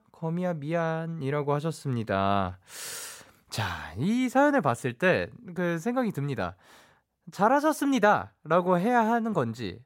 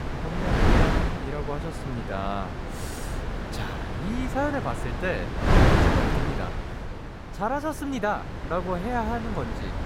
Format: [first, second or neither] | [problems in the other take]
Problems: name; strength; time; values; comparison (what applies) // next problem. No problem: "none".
first | wind noise on the microphone; heavy; 1 dB above the speech